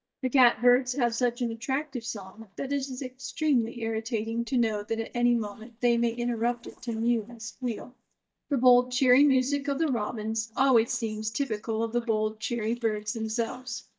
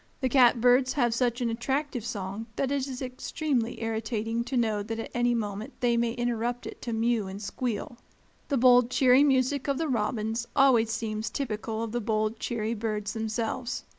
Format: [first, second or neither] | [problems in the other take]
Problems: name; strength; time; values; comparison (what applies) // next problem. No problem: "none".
second | noise reduction (neural mask model DeepFilterNet 3)